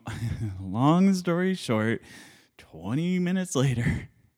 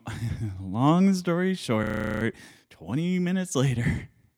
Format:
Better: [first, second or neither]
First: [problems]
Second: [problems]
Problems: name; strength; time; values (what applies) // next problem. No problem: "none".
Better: first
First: none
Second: audio freezing; at 2 s